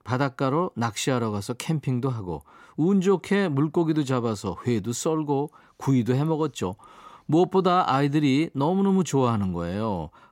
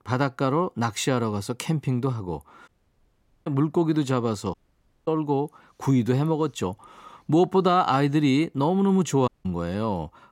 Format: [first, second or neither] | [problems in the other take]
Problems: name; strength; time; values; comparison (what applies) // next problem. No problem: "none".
first | audio cutting out; at 2.5 s for 1 s, at 4.5 s for 0.5 s and at 9.5 s